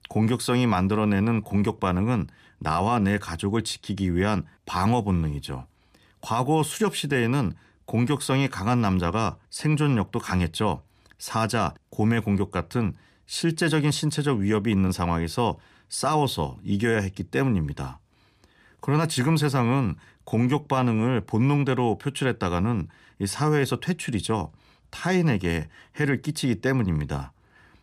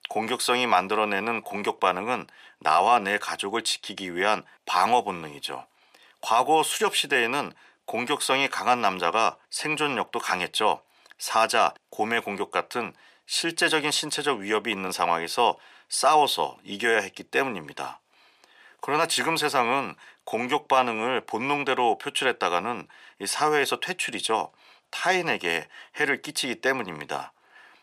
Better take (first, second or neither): first